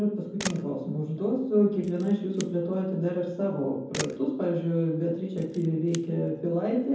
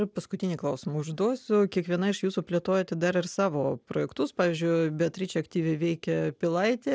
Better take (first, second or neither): second